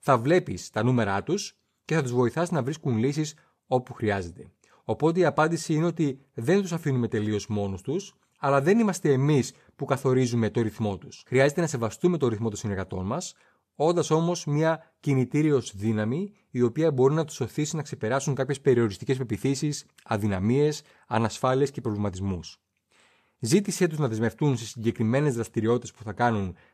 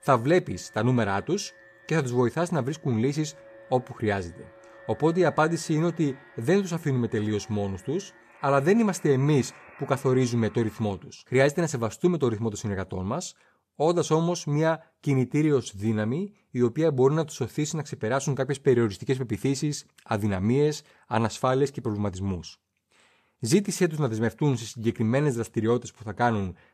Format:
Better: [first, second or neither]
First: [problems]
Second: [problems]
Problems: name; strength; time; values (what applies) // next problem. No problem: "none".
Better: first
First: none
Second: alarms or sirens; faint; until 11 s; 25 dB below the speech